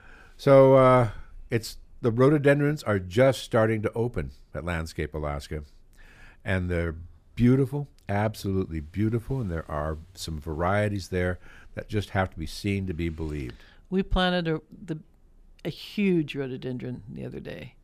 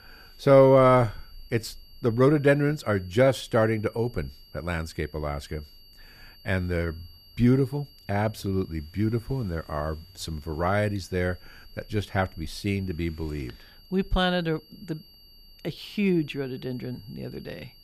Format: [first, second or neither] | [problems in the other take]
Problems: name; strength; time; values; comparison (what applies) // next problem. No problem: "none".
first | high-pitched whine; faint; throughout; 4.5 kHz, 25 dB below the speech